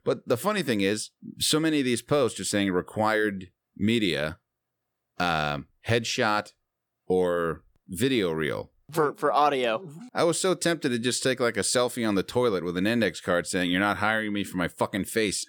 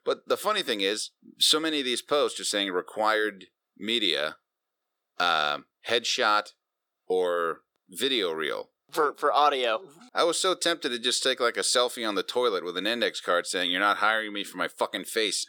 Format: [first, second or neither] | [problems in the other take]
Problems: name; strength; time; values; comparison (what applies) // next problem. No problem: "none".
first | thin; somewhat; fading below 450 Hz